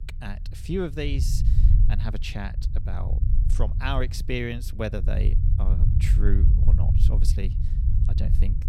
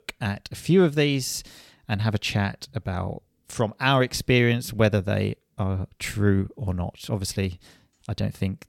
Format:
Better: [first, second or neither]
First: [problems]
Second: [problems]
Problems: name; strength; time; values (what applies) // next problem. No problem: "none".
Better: second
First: low rumble; loud; throughout; 7 dB below the speech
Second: none